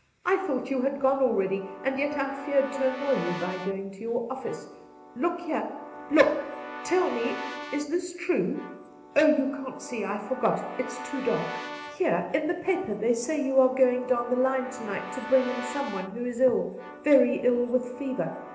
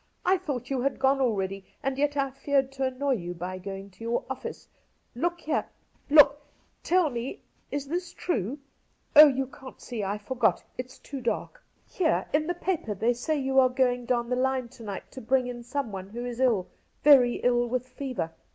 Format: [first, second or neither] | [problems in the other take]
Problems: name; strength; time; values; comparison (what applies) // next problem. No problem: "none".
second | background sound (Keyboard (musical) / Brass instrument); 13 dB below the speech // room echo; dies away in 1 s